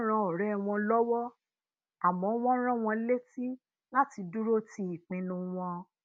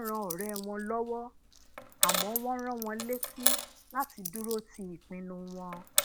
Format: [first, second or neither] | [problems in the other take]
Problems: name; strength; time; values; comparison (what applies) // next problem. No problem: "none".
first | background sound (Coin (dropping)); 2 dB above the speech